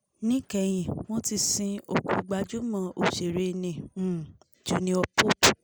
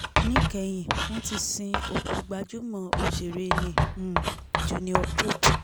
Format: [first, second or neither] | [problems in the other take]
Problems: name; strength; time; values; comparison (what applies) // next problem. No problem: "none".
first | background sound (Writing); 2 dB above the speech